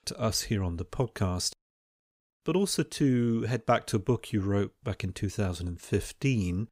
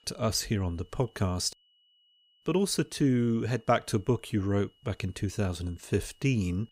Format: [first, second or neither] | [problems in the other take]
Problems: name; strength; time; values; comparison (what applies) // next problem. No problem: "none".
first | high-pitched whine; faint; throughout; 3 kHz, 35 dB below the speech